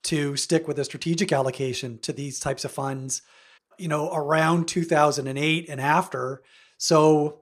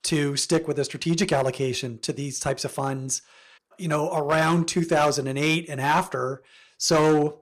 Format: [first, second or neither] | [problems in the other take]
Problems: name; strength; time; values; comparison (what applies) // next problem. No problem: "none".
first | distortion; slight; 4% of the sound clipped